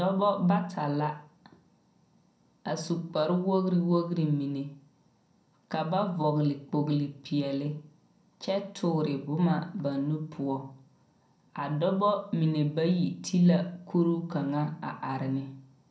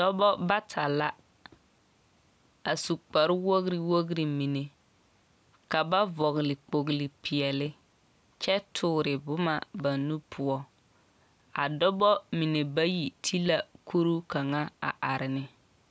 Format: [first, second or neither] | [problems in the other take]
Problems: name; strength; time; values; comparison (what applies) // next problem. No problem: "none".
second | room echo; dies away in 0.6 s